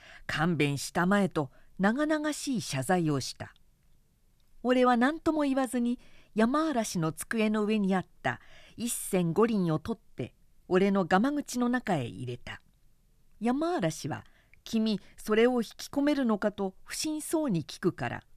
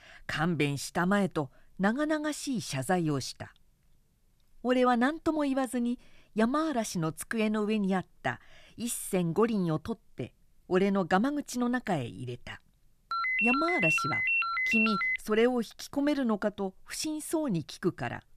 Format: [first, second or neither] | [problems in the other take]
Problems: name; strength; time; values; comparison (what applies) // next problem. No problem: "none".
first | phone ringing; loud; from 13 to 15 s; peak 5 dB above the speech